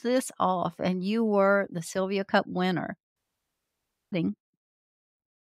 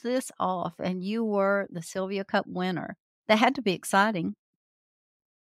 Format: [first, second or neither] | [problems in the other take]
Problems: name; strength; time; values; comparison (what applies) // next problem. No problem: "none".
second | audio cutting out; at 3 s for 1 s